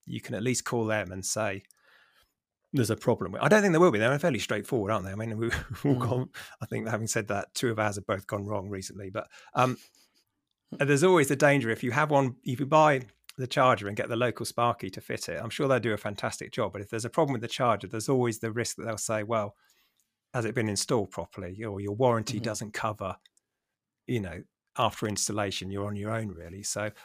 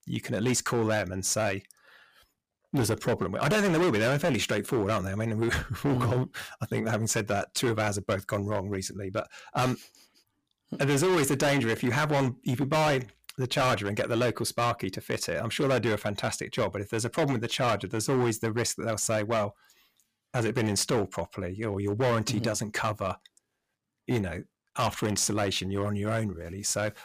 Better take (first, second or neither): first